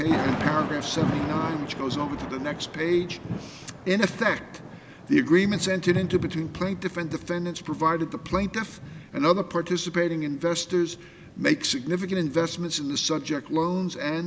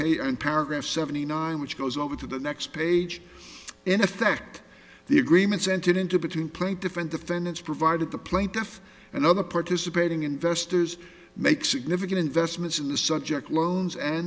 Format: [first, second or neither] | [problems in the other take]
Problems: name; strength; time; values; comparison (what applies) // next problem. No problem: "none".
second | background sound (Thunder / Rain); 9 dB below the speech